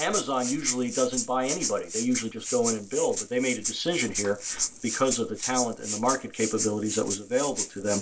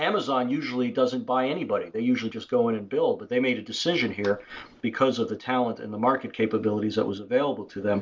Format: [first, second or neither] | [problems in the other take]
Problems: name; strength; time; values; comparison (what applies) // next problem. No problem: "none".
second | noise reduction (neural mask model Resemble Enhance denoiser)